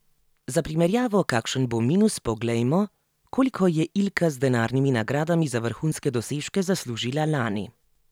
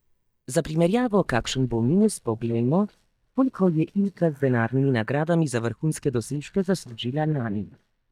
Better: first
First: none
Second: noise reduction (neural mask model DeepFilterNet 3)

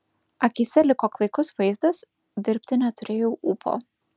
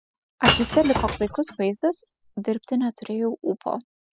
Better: first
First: none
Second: noise reduction (classical method spectral subtraction)

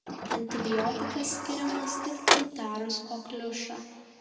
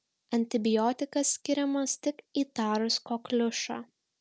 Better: second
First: background sound (Sliding door); 3 dB above the speech // room echo; dies away in 2 s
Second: none

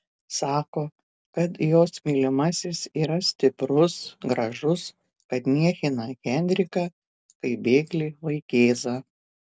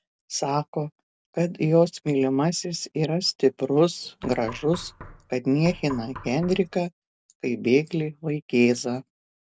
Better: first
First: none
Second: background sound (Knock); 17 dB below the speech

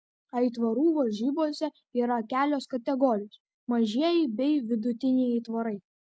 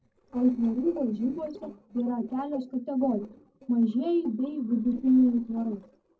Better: first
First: none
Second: noise reduction (neural separator model SepFormer DNS4)

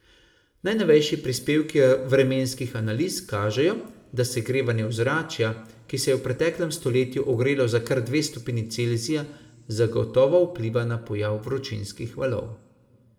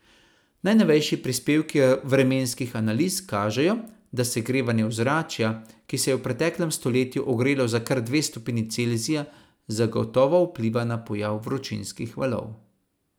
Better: second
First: room echo; dies away in 0.7 s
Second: none

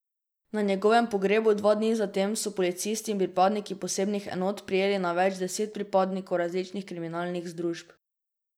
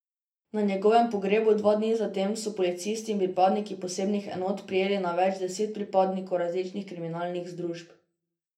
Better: first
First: none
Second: room echo; dies away in 0.3 s

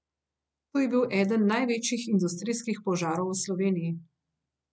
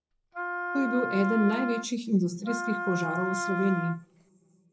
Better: first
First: none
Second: background sound (Wind instrument, woodwind instrument); 5 dB below the speech // room echo; dies away in 0.9 s

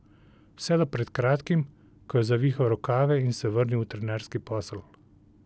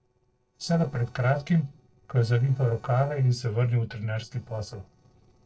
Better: first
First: none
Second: noise reduction (neural separator model SepFormer DNS4)

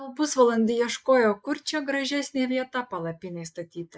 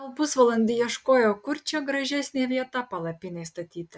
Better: second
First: noise reduction (neural mask model Resemble Enhance denoiser)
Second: none

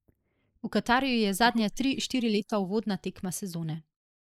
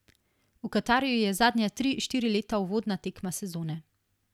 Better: second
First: noise reduction (neural mask model Resemble Enhance denoiser)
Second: none

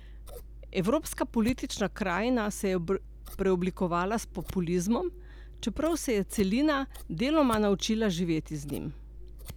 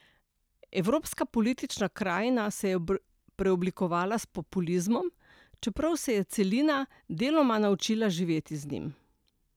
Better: second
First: background sound (Scissors); 14 dB below the speech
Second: none

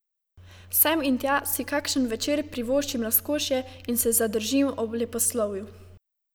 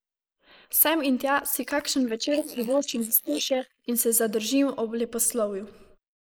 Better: first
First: none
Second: noise reduction (neural mask model Resemble Enhance denoiser)

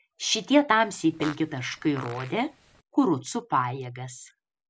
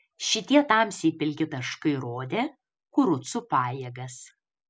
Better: second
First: background sound (Fart); 16 dB below the speech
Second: none

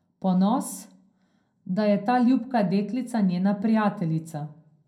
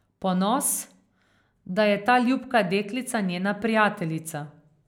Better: second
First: room echo; dies away in 0.2 s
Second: none

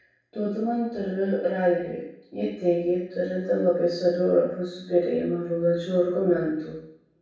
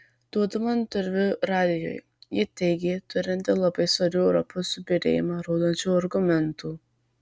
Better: second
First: room echo; dies away in 0.7 s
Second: none

